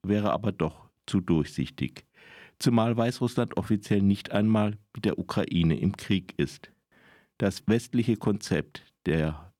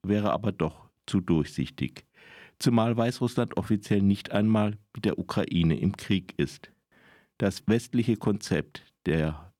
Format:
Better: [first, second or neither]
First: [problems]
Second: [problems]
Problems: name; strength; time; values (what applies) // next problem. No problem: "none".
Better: neither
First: none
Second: none